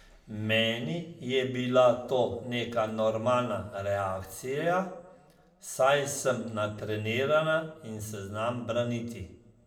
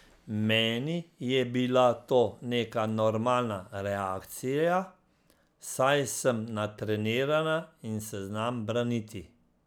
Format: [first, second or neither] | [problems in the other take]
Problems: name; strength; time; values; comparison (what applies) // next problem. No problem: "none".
second | room echo; dies away in 0.6 s